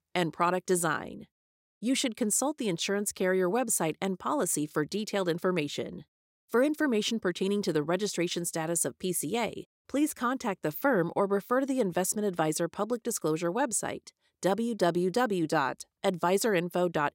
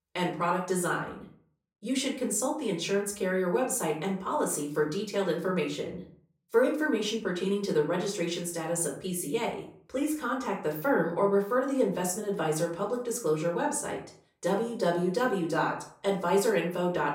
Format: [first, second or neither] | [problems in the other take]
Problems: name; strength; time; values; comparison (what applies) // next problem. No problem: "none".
first | room echo; slight; dies away in 0.4 s // off-mic speech; far